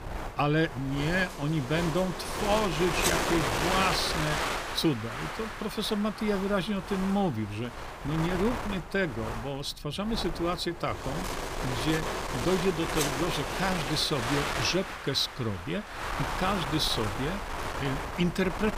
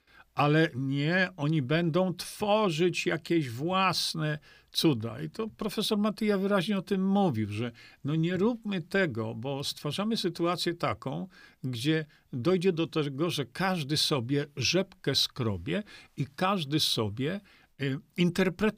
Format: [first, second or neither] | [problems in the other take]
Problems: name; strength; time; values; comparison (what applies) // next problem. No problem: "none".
second | wind noise on the microphone; heavy; 1 dB below the speech